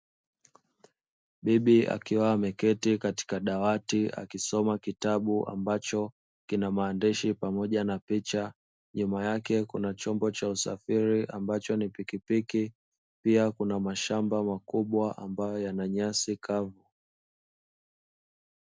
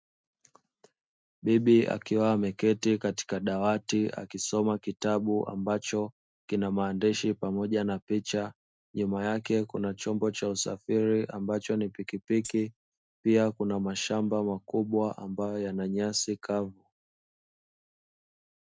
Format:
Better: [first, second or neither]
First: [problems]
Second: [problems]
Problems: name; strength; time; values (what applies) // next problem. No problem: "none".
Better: first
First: none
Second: noise reduction (neural mask model RNNoise)